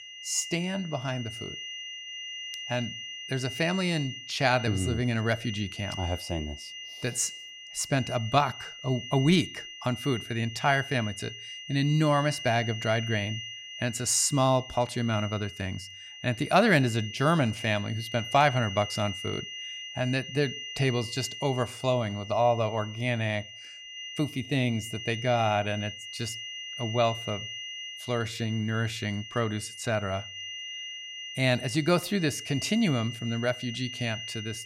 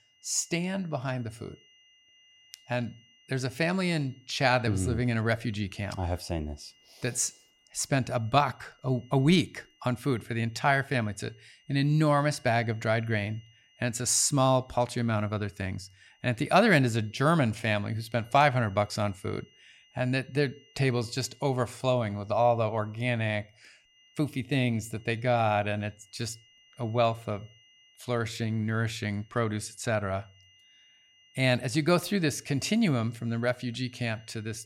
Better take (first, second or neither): second